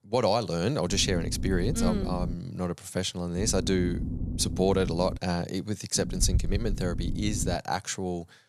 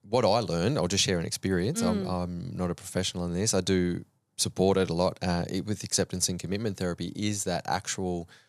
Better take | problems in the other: second | low rumble; noticeable; from 1 to 2.5 s, from 3.5 to 5 s and from 6 to 7.5 s; 15 dB below the speech

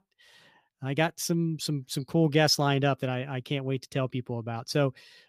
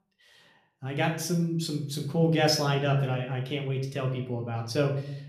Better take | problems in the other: first | room echo; slight; dies away in 0.5 s // off-mic speech; somewhat distant

